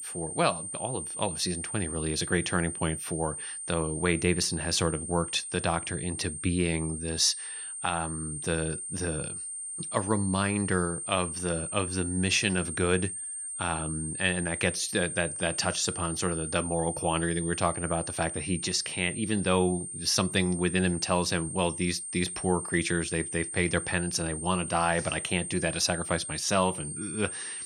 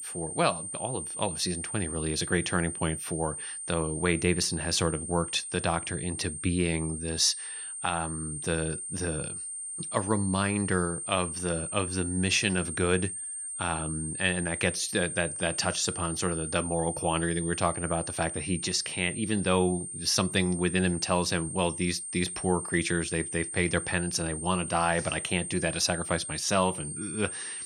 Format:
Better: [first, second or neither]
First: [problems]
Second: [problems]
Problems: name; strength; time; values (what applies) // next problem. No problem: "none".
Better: neither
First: high-pitched whine; loud; throughout; 8.5 kHz, 5 dB below the speech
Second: high-pitched whine; loud; throughout; 8.5 kHz, 5 dB below the speech